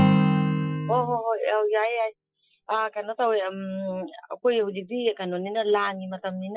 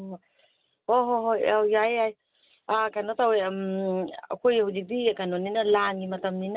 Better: second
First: noise reduction (classical method Wiener filter)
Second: none

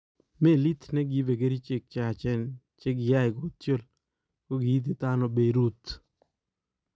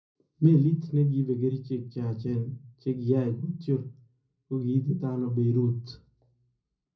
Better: first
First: none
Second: room echo; dies away in 0.4 s

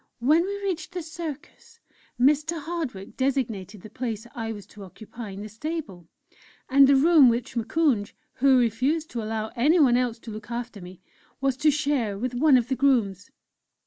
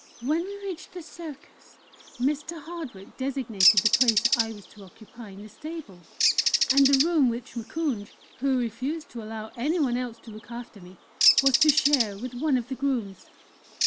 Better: first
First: none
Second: background sound (Bird); 1 dB below the speech

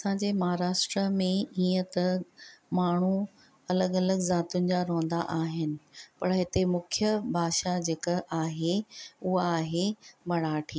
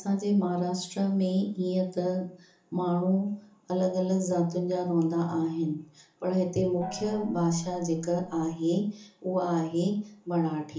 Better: first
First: none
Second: background sound (Gong); 16 dB below the speech // room echo; dies away in 0.8 s

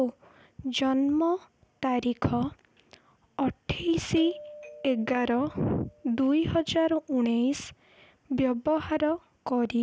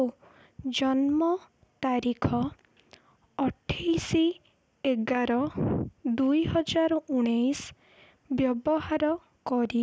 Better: second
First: background sound (Doorbell); 18 dB below the speech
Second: none

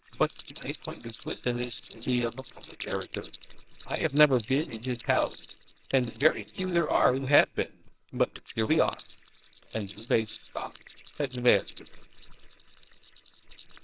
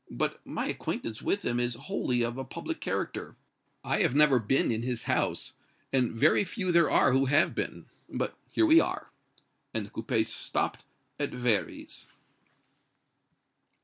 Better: second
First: noise reduction (neural separator model SepFormer WHAMR!)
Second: none

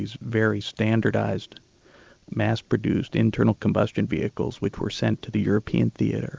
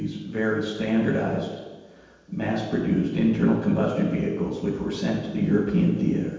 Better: first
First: none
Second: room echo; dies away in 1.2 s

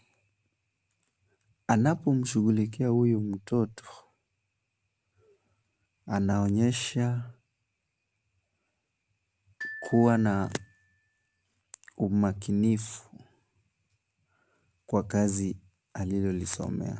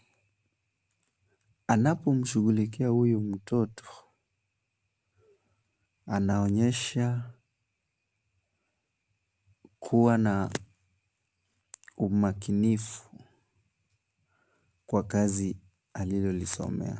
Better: second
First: background sound (Glockenspiel); 15 dB below the speech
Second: none

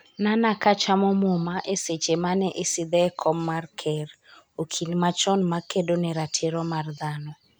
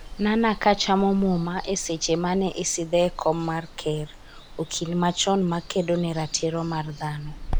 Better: first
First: none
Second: background sound (Water); 11 dB below the speech

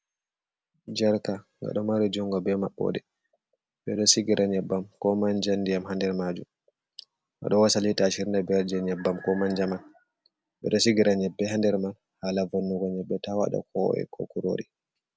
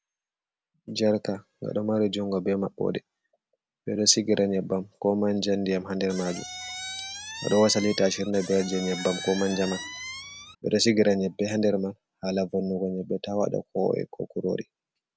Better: first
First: none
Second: background sound (Squeak); 11 dB below the speech

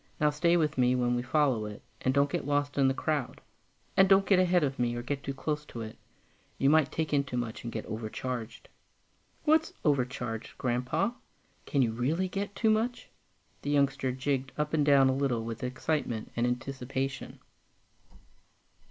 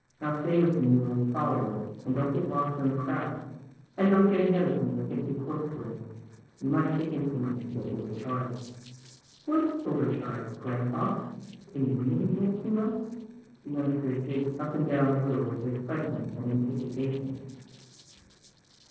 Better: first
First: none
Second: noise reduction (neural separator model SepFormer DNS4)

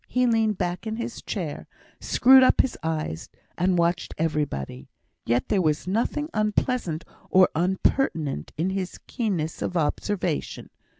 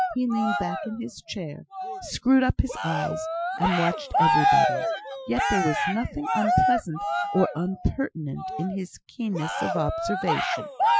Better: first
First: none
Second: noise reduction (classical method Wiener filter)

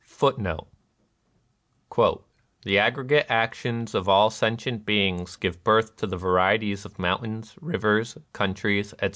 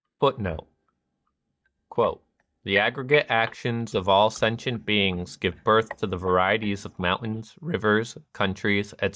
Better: first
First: none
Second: noise reduction (neural mask model DeepFilterNet 3)

